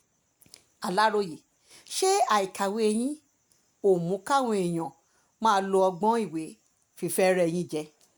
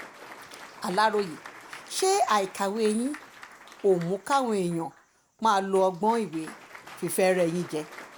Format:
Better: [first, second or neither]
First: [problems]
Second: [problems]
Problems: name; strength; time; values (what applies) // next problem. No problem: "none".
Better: first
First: none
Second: background sound (Applause / Cheering); 18 dB below the speech